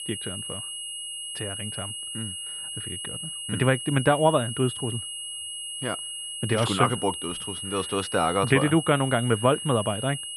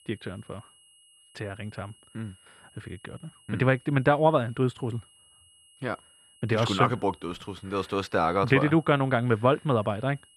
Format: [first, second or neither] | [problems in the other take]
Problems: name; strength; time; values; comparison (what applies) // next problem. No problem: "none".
second | high-pitched whine; loud; throughout; 3 kHz, 7 dB below the speech; faint in the second